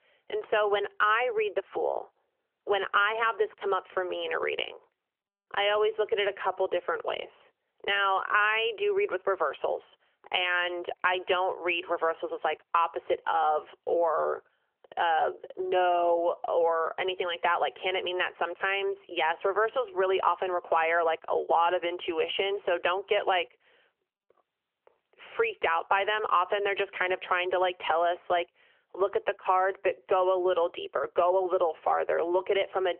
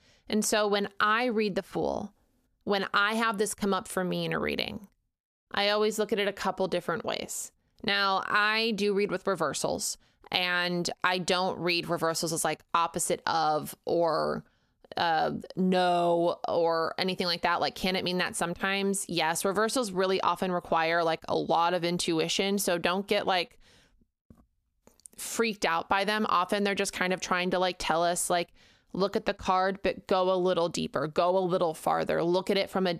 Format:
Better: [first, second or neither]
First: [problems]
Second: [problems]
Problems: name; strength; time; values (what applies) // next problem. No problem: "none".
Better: second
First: phone-call audio; nothing above 3 kHz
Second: none